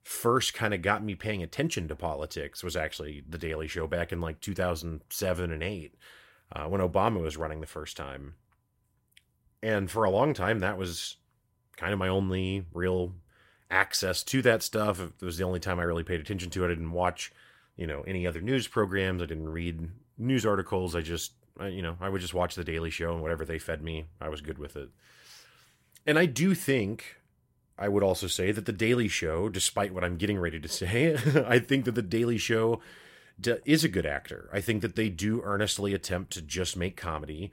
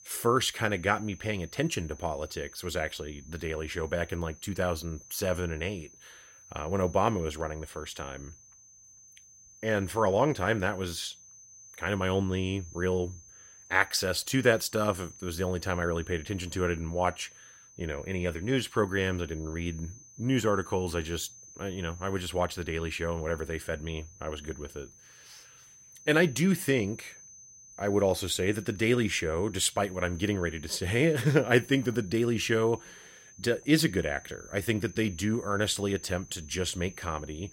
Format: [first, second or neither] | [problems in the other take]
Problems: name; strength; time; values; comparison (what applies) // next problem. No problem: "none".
first | high-pitched whine; faint; throughout; 6 kHz, 20 dB below the speech